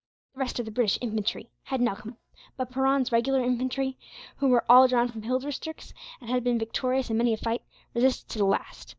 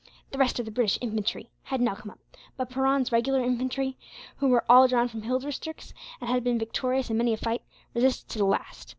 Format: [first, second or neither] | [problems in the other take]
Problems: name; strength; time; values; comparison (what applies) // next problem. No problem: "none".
second | noise reduction (neural mask model DeepFilterNet 3)